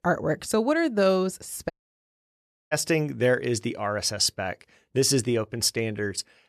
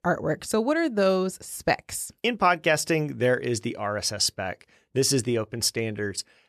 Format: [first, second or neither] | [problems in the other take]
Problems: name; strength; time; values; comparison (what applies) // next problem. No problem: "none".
second | audio cutting out; at 1.5 s for 1 s